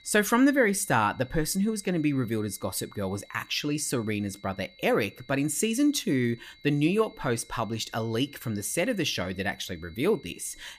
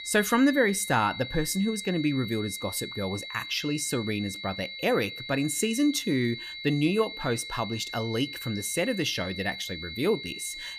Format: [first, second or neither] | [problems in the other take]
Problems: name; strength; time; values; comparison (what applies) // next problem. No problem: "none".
first | high-pitched whine; loud; throughout; 2 kHz, 9 dB below the speech; faint in the first